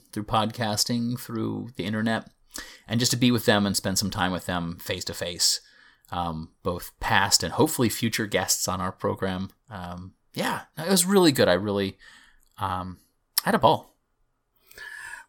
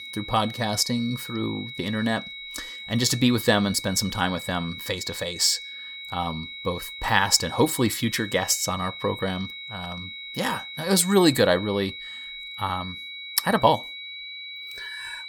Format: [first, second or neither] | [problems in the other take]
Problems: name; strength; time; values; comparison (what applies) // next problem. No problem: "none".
first | high-pitched whine; noticeable; throughout; 4 kHz, 10 dB below the speech